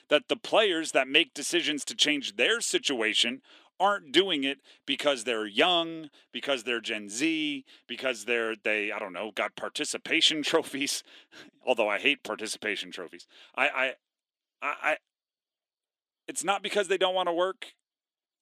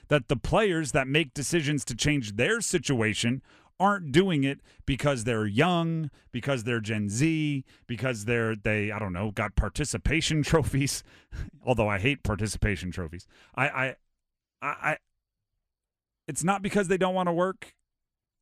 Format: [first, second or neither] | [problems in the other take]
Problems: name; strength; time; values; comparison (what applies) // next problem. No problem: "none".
second | thin; somewhat; fading below 300 Hz